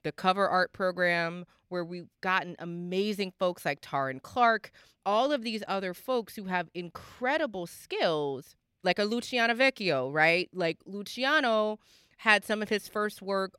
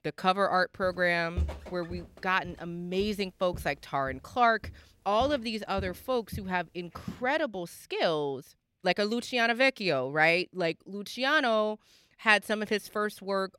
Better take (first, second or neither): first